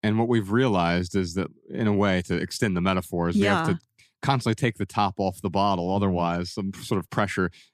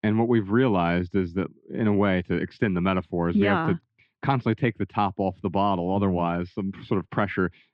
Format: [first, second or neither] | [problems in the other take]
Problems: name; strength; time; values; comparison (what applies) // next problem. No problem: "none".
first | muffled; very; fading above 3 kHz